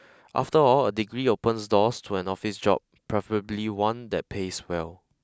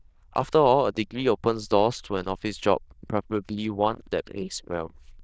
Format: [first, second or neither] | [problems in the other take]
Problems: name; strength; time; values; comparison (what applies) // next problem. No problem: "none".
first | noise reduction (neural diffusion model UNIVERSE++)